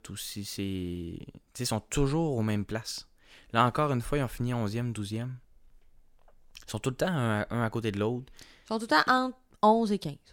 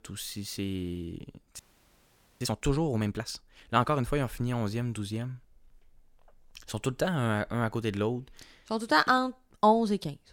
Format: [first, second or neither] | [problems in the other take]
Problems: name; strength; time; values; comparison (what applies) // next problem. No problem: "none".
first | audio freezing; at 1.5 s for 1 s